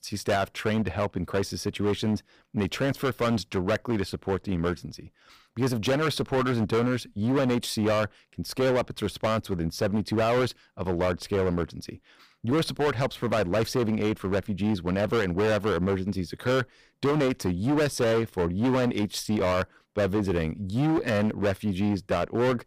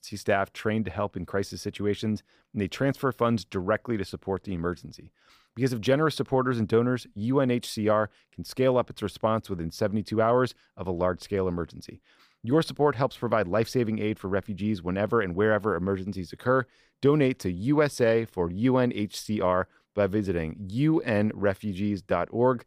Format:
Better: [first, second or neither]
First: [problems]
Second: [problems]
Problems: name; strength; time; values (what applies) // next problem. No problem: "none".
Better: second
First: distortion; heavy; 19% of the sound clipped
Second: none